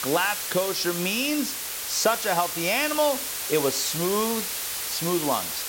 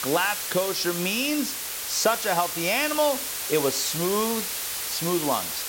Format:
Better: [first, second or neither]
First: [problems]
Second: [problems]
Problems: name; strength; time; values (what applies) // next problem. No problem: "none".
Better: neither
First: hiss; loud; throughout; 2 dB below the speech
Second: hiss; loud; throughout; 2 dB below the speech